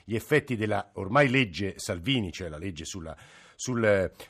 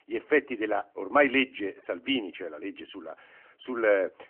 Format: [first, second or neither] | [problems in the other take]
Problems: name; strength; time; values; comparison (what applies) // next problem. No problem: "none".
first | phone-call audio; nothing above 3 kHz